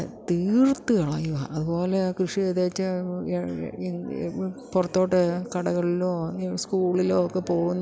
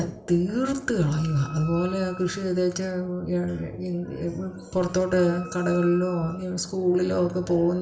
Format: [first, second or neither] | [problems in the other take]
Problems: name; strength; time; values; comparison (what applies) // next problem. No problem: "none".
first | background sound (Wind instrument, woodwind instrument); 20 dB below the speech // room echo; dies away in 0.4 s